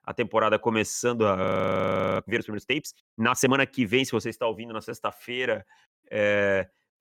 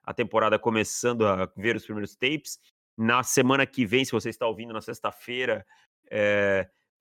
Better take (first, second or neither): second